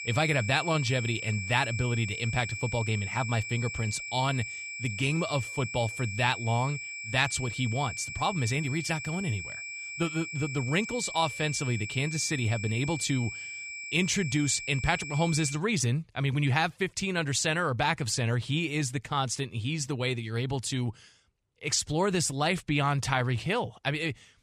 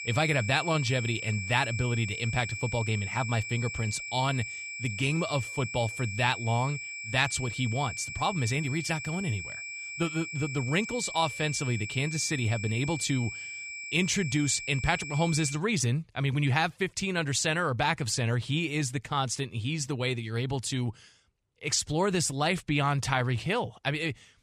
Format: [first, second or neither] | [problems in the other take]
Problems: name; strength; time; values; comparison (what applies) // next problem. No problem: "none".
neither | high-pitched whine; loud; until 16 s; 2.5 kHz, 7 dB below the speech; the same in both